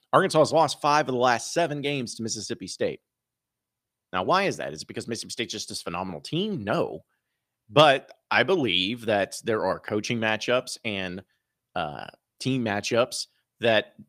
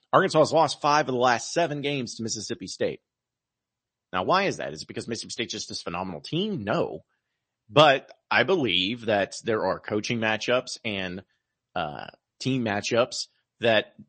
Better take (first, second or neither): first